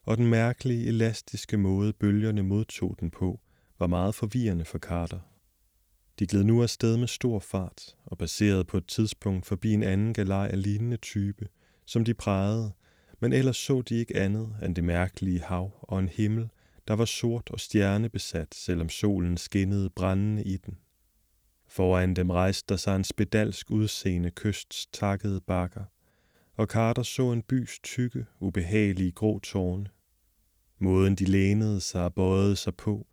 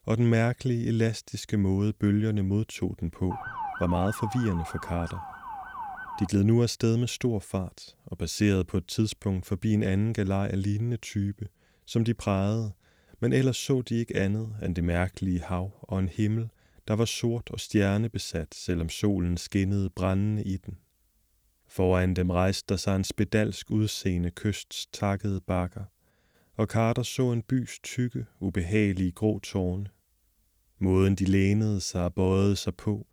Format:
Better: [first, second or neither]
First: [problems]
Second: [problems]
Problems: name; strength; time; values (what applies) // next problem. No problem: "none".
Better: first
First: none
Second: siren; noticeable; from 3.5 to 6.5 s; peak 7 dB below the speech